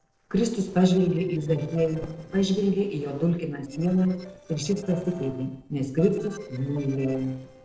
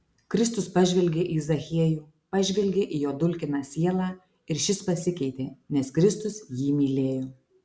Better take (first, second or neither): second